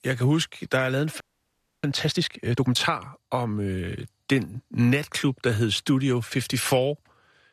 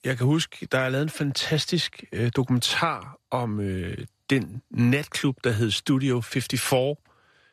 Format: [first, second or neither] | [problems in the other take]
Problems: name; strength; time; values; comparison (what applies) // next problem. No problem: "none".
second | audio freezing; at 1 s for 0.5 s